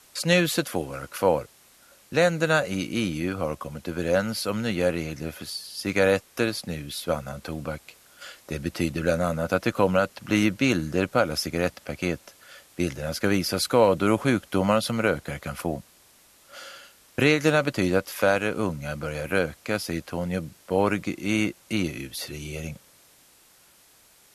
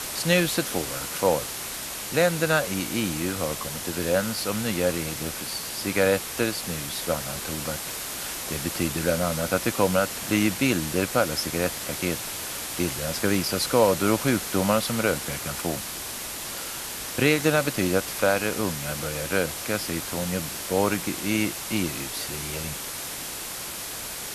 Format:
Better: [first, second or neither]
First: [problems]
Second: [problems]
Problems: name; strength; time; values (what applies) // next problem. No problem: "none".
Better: first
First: hiss; faint; throughout; 30 dB below the speech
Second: hiss; loud; throughout; 5 dB below the speech